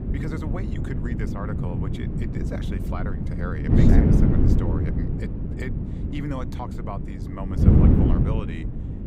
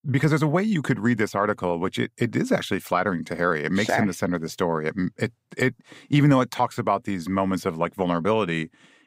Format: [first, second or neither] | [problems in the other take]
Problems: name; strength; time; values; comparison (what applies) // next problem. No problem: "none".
second | wind noise on the microphone; heavy; 5 dB above the speech